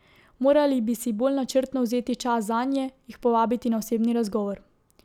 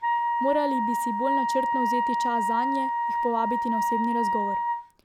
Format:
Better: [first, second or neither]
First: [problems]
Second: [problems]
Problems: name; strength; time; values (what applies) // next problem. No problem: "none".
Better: first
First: none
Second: background sound (Wind instrument, woodwind instrument); 4 dB above the speech